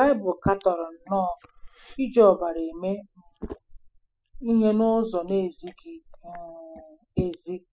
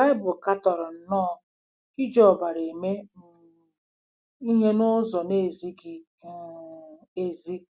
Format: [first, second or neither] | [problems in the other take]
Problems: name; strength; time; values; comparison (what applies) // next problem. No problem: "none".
second | noise reduction (classical method spectral subtraction)